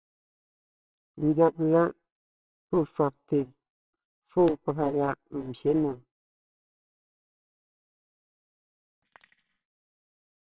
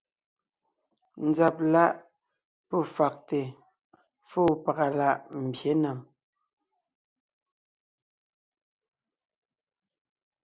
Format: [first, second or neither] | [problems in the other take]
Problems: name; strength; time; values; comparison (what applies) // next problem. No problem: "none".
second | noise reduction (neural separator model SepFormer WHAMR!)